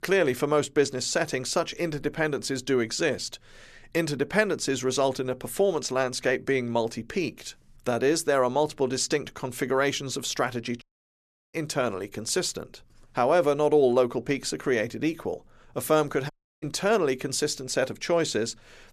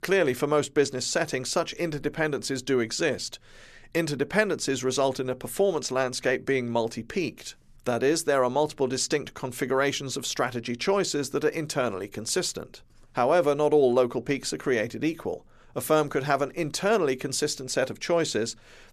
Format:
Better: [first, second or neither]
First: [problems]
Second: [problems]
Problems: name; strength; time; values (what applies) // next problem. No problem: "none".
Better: second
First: audio cutting out; at 11 s for 0.5 s and at 16 s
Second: none